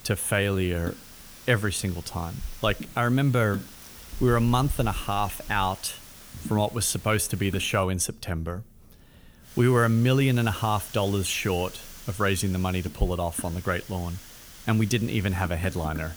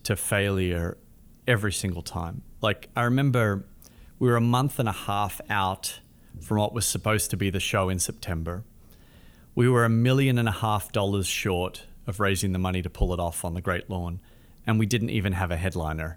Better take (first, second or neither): second